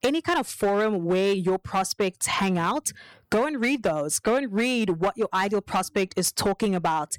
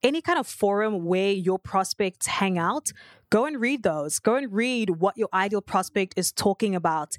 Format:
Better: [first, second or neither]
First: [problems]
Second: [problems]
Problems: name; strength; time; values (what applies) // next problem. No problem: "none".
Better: second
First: distortion; slight; 8% of the sound clipped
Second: none